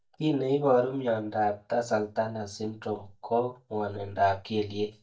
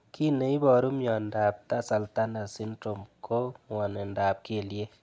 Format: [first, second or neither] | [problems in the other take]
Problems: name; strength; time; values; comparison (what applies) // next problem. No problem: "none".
second | noise reduction (neural mask model DeepFilterNet 3)